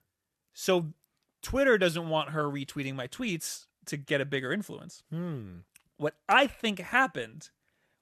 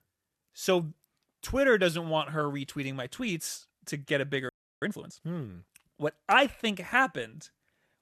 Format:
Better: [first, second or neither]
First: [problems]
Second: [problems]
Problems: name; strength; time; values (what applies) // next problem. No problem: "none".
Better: first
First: none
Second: audio freezing; at 4.5 s